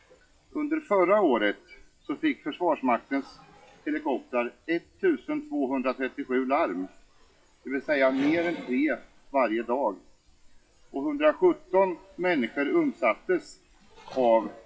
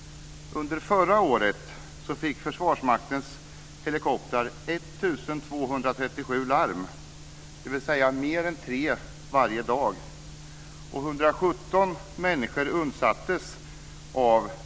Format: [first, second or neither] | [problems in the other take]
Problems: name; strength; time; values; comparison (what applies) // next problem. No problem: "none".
second | noise reduction (classical method WPE with log-MMSE)